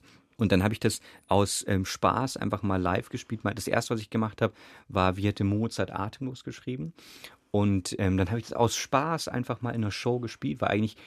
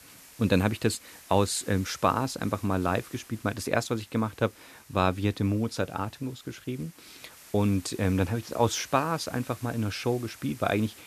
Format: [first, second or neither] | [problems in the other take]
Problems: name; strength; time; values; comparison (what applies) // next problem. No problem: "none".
first | hiss; faint; throughout; 20 dB below the speech